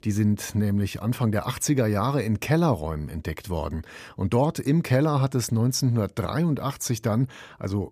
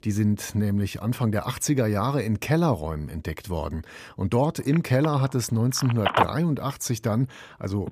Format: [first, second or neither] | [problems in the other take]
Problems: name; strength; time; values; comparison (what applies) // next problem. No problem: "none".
first | phone ringing; loud; from 5 s on; peak 2 dB above the speech